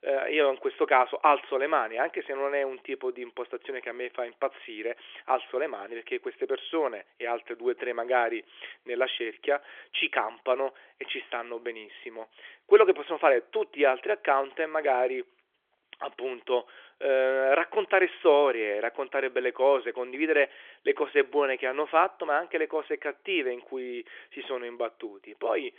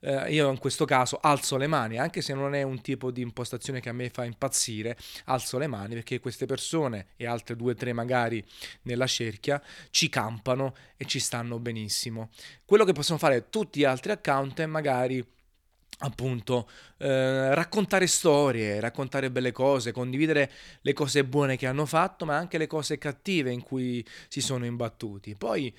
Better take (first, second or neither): second